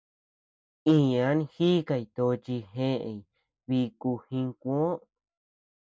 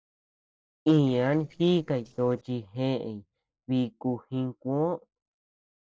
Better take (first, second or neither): first